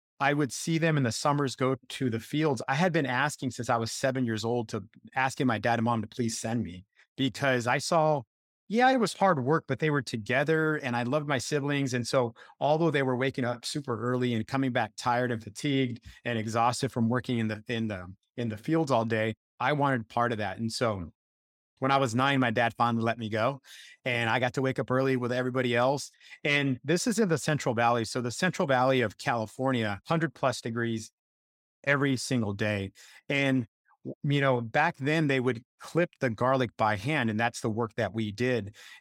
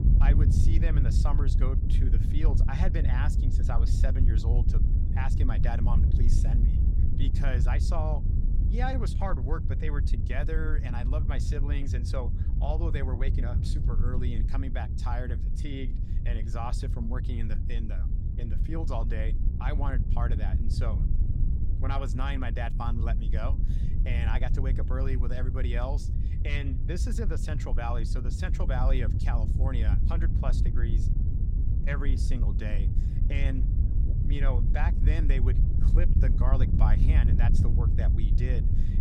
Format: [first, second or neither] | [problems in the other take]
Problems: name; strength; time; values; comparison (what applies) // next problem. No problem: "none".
first | wind noise on the microphone; heavy; 5 dB below the speech